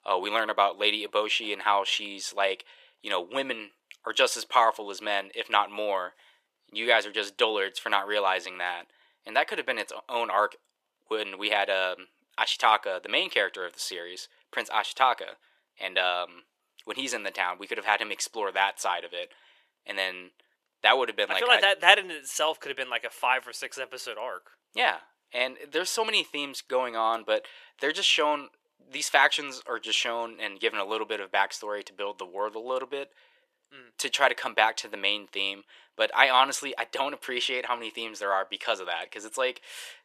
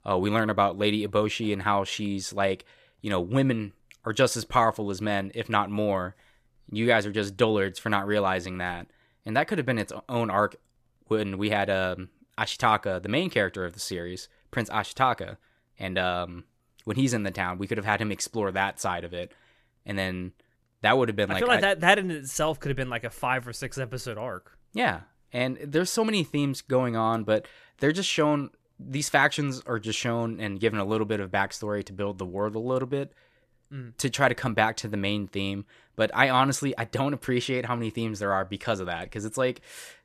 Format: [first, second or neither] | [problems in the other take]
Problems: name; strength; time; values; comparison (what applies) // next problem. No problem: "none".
second | thin; very; fading below 450 Hz